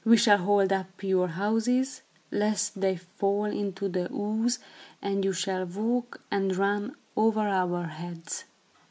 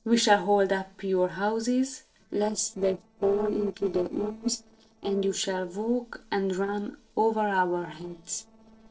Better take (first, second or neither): first